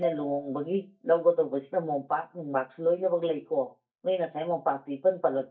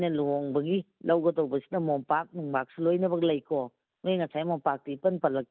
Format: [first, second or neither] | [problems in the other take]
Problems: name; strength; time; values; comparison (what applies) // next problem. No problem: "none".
second | noise reduction (neural mask model DeepFilterNet 3)